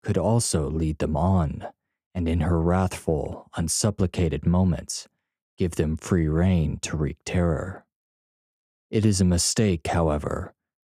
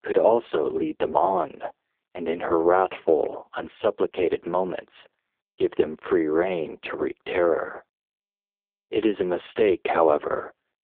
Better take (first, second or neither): first